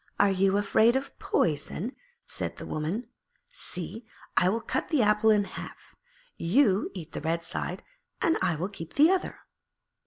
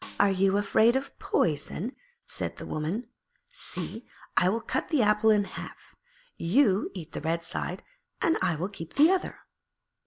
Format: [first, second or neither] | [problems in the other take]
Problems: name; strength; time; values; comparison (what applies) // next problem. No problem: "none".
first | background sound (Snare drum); 19 dB below the speech